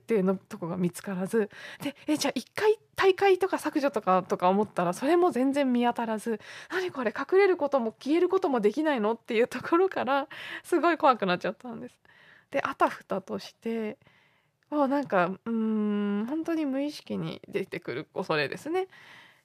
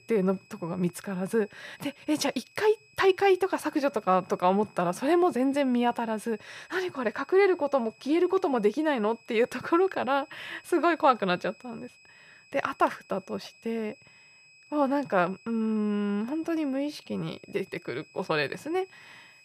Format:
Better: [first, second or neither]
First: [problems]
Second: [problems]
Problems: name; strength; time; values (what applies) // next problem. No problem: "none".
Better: first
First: none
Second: high-pitched whine; faint; throughout; 2.5 kHz, 25 dB below the speech